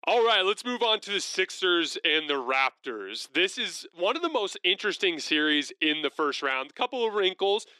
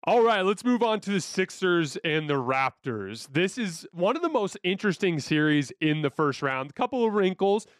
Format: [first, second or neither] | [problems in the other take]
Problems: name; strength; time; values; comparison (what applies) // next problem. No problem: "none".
second | thin; somewhat; fading below 300 Hz